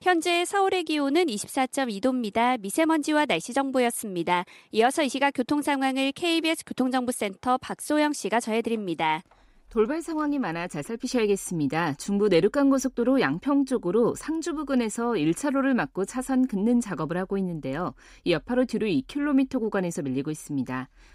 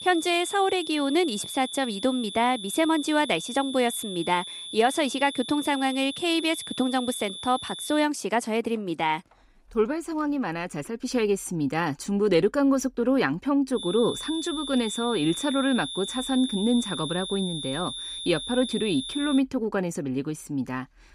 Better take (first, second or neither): first